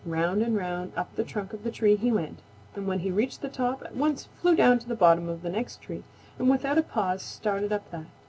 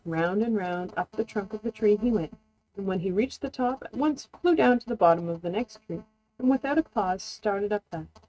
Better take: first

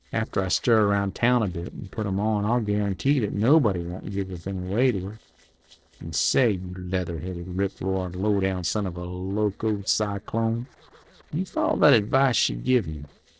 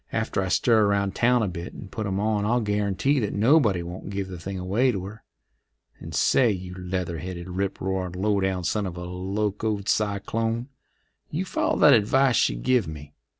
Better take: second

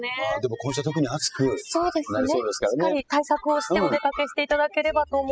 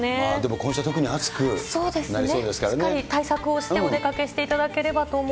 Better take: second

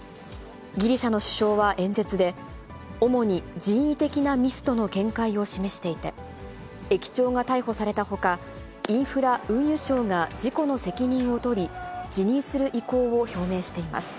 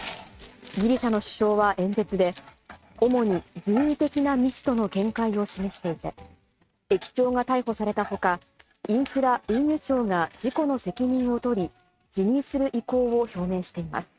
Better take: first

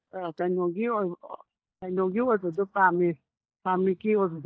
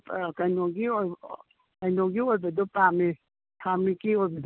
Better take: second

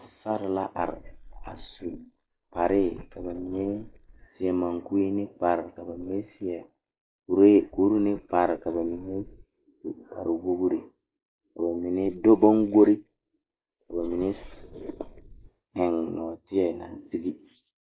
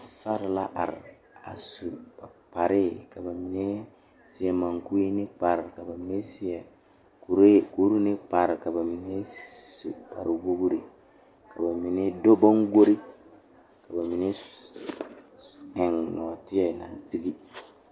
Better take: second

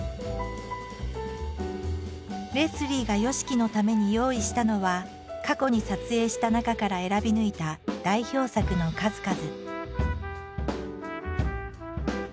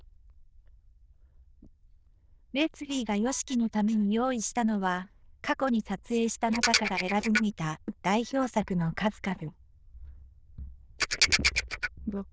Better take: first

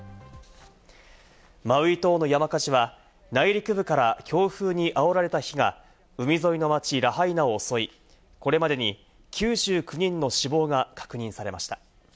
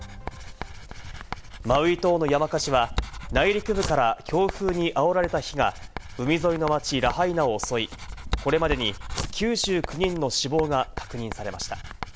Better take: first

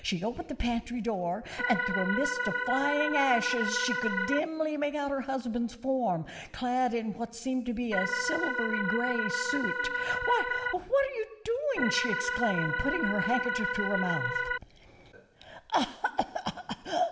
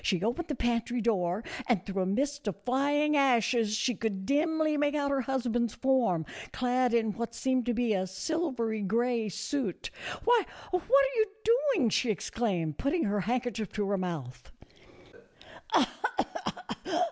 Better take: second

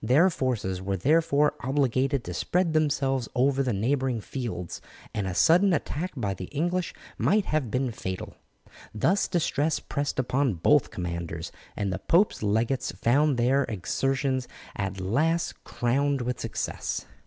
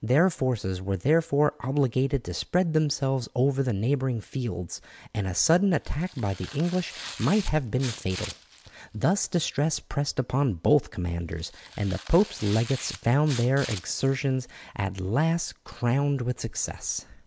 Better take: first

